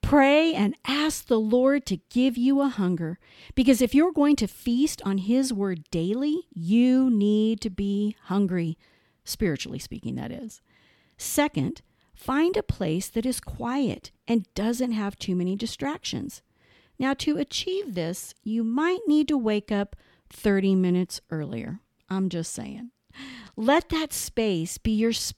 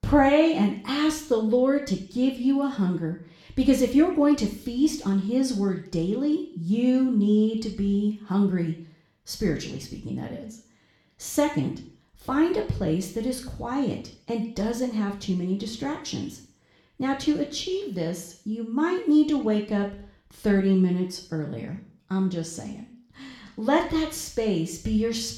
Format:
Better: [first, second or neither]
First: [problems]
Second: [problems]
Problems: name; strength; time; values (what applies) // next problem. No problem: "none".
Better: first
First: none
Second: room echo; slight; dies away in 0.5 s // off-mic speech; somewhat distant